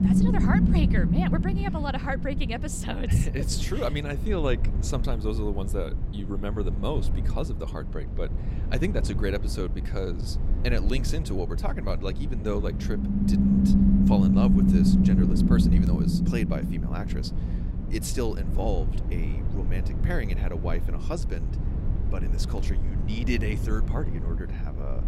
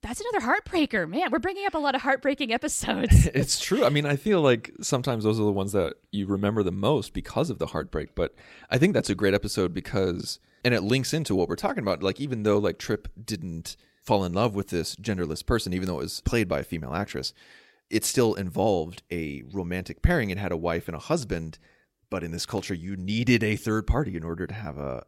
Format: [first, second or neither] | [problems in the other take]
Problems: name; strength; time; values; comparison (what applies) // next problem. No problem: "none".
second | low rumble; loud; throughout; 1 dB below the speech